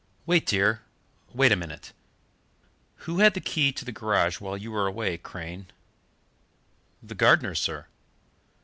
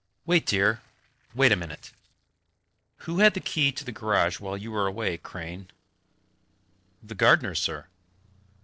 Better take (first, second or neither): first